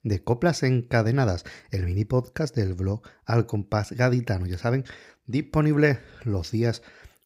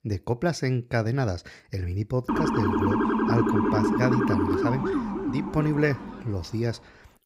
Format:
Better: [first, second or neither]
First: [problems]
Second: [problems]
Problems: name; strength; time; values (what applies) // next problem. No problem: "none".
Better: first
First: none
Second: siren; loud; from 2.5 to 6 s; peak 5 dB above the speech